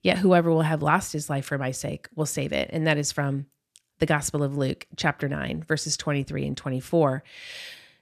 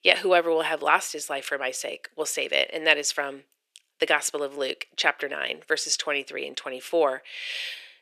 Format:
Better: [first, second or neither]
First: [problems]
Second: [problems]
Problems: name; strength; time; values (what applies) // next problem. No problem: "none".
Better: first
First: none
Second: thin; very; fading below 400 Hz